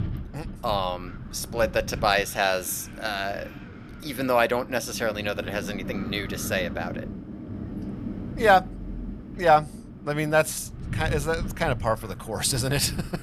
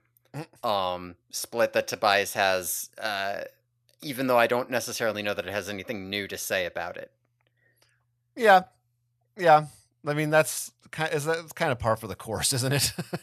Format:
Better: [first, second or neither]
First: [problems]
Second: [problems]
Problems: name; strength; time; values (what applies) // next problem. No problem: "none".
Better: second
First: wind noise on the microphone; occasional gusts; 20 dB below the speech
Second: none